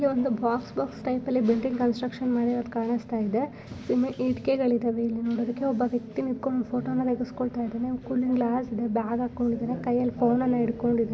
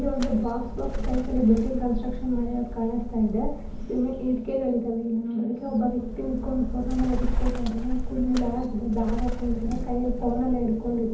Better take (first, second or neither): first